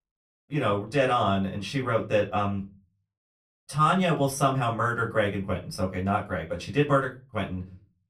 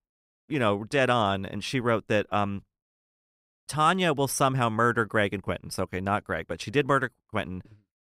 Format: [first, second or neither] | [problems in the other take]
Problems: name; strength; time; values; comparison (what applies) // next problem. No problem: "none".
second | off-mic speech; far // room echo; very slight; dies away in 0.3 s